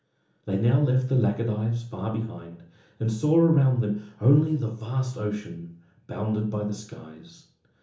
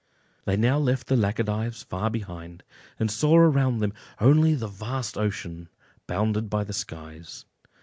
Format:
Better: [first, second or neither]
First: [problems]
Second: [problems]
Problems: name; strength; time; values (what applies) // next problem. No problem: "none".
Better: second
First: room echo; dies away in 1.2 s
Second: none